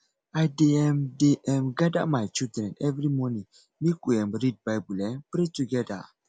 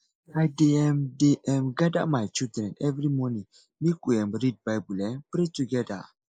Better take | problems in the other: first | noise reduction (neural mask model Resemble Enhance denoiser)

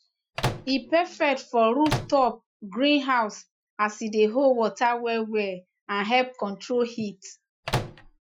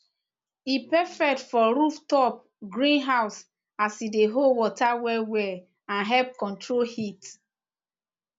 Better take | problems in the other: second | noise reduction (classical method Wiener filter)

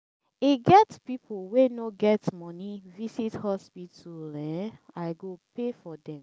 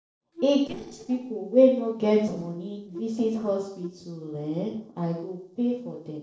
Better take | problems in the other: first | noise reduction (neural separator model SepFormer DNS4)

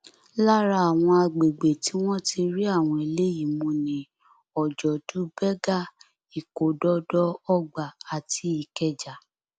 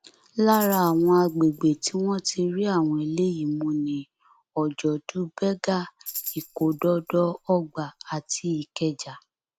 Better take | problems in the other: first | background sound (Tambourine); 16 dB below the speech

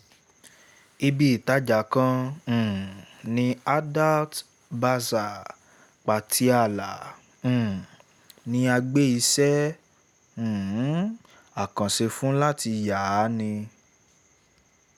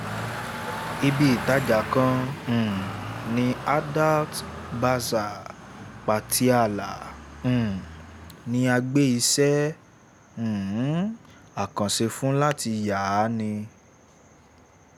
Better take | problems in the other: first | background sound (Traffic noise, roadway noise); 12 dB below the speech

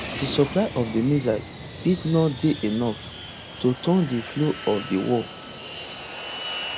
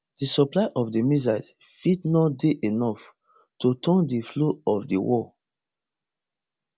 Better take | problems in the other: second | background sound (Fixed-wing aircraft, airplane); 11 dB below the speech

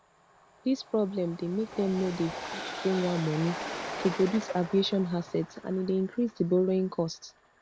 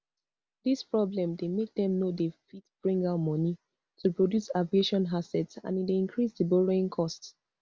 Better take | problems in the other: second | background sound (Train); 12 dB below the speech

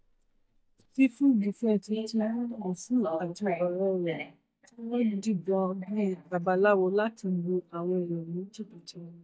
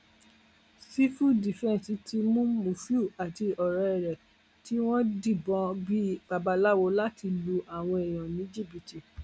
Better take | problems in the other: second | noise reduction (neural mask model DeepFilterNet 3)

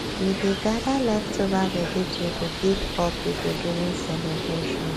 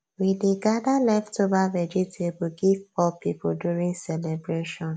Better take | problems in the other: second | background sound (Bird); 3 dB below the speech

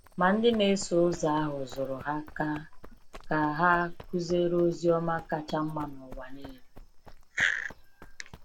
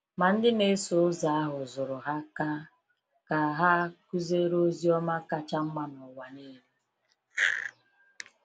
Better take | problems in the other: second | background sound (Run); 14 dB below the speech

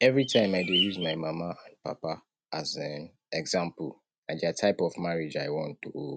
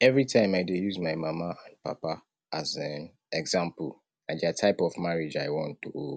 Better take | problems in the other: second | noise reduction (neural mask model RNNoise)

